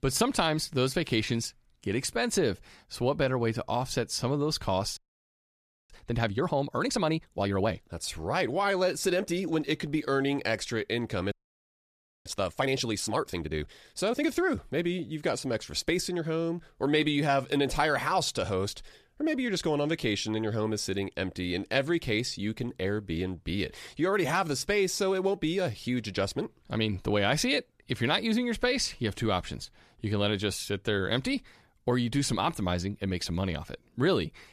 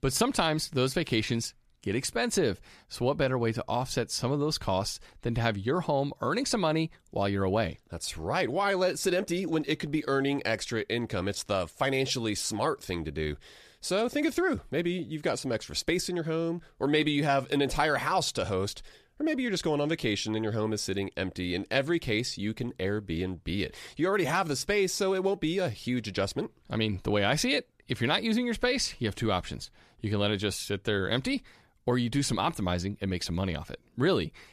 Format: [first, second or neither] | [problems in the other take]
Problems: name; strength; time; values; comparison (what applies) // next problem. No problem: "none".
second | audio freezing; at 5 s for 1 s and at 11 s for 1 s